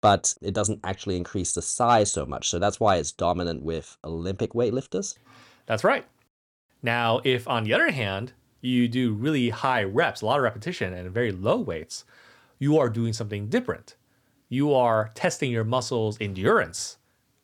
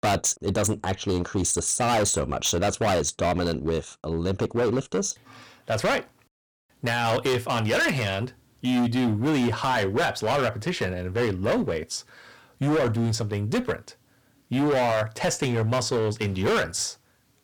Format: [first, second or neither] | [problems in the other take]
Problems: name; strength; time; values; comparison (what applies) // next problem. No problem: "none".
first | distortion; heavy; 16% of the sound clipped